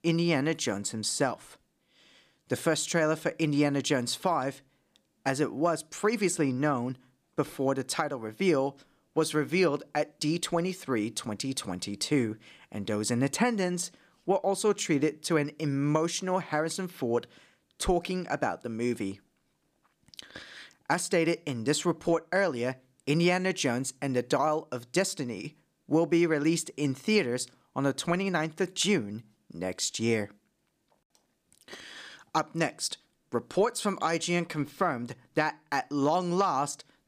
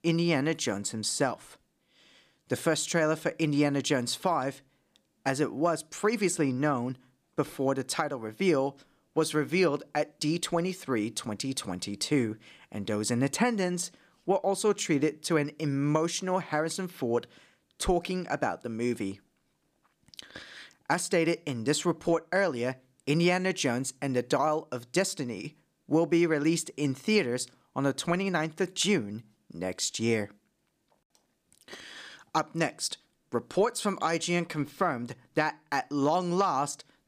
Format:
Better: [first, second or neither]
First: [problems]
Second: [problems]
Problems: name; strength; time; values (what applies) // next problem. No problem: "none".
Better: neither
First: none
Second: none